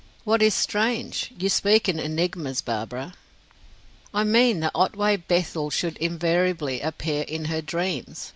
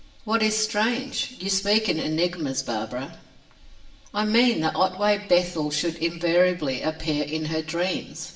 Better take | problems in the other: first | room echo; dies away in 0.7 s

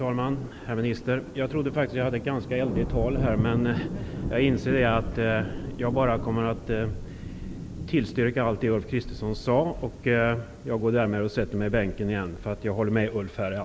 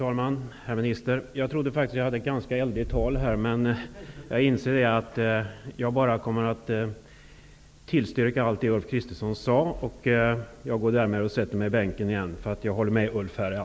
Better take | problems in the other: second | background sound (Thunder); 8 dB below the speech

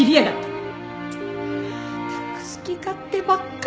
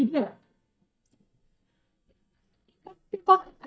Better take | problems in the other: first | noise reduction (neural mask model DeepFilterNet 3)

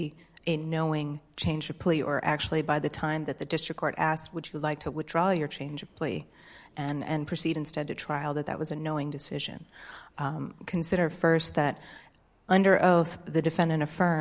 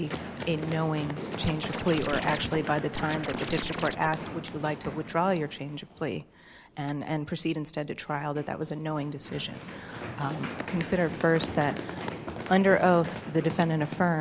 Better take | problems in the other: first | background sound (Scratching (performance technique) + Run); 9 dB below the speech

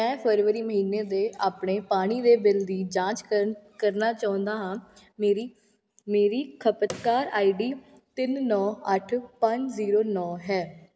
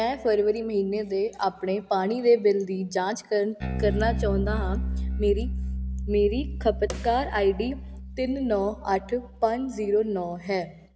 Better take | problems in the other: first | background sound (Bass guitar); 7 dB below the speech

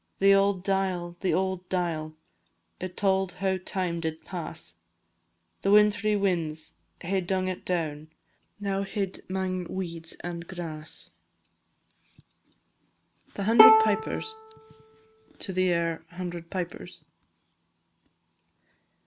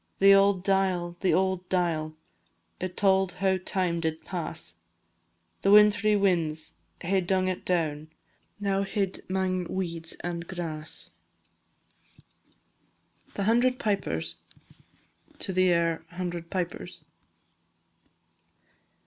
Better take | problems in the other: second | background sound (Bowed string instrument); 4 dB above the speech

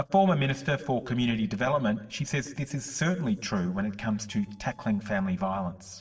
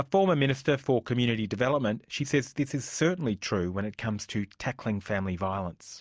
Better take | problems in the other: second | noise reduction (neural separator model SepFormer DNS4)

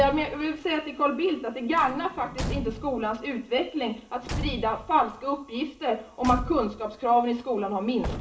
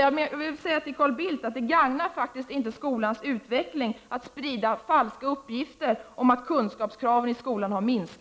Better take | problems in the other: second | background sound (Slam / Truck / Car); 11 dB below the speech // room echo; dies away in 0.4 s

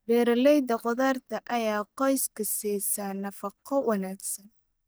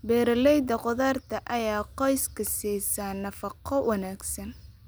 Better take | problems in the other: second | noise reduction (neural mask model DeepFilterNet 3)

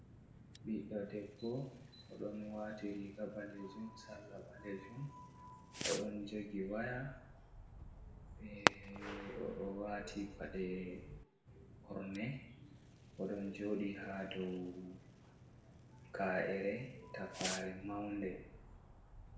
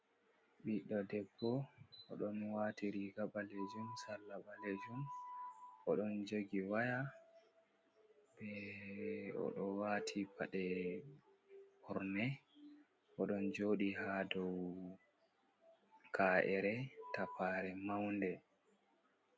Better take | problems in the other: second | background sound (Fireworks); 4 dB below the speech // room echo; dies away in 0.8 s

